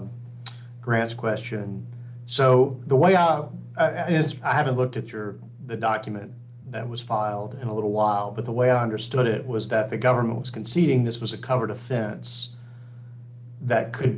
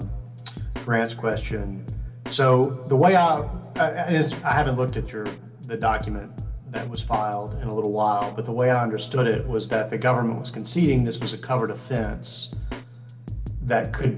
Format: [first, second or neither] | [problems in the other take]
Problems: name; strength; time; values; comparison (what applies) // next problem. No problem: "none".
first | background sound (Drum kit); 11 dB below the speech // room echo; dies away in 0.3 s